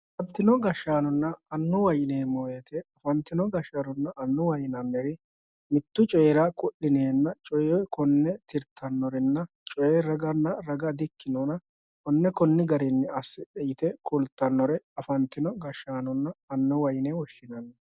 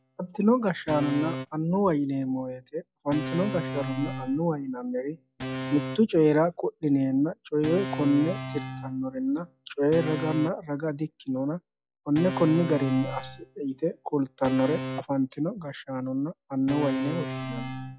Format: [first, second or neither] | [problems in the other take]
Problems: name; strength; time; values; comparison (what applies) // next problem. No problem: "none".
first | noise reduction (classical method log-MMSE)